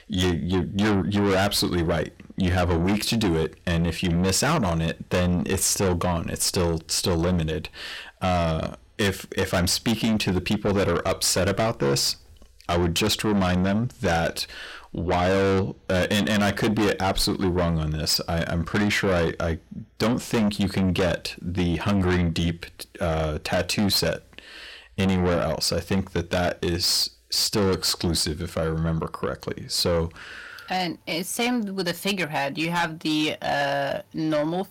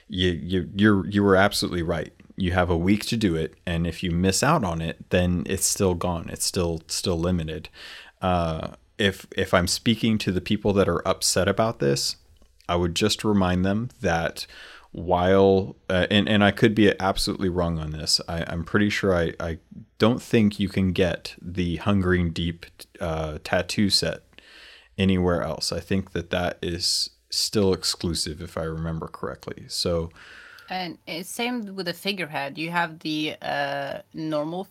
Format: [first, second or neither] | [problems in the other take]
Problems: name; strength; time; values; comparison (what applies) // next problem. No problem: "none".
second | distortion; heavy; 6 dB below the speech